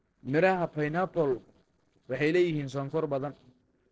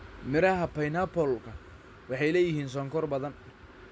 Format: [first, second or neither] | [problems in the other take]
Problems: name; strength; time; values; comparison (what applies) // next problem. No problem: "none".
second | noise reduction (neural separator model SepFormer DNS4)